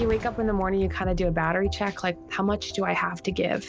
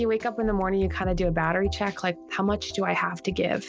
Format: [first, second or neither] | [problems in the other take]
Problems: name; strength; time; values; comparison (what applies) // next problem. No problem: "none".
second | background sound (Fireworks); 16 dB below the speech